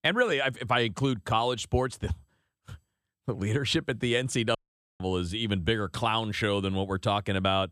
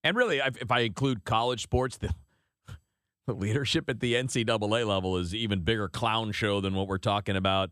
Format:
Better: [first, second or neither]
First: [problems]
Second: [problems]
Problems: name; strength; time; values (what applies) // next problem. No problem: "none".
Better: second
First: audio cutting out; at 4.5 s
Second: none